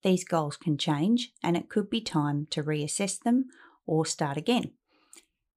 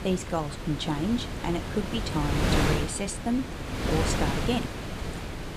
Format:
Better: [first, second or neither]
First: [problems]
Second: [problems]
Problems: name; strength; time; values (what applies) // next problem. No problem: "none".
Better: first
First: none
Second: wind noise on the microphone; heavy; as loud as the speech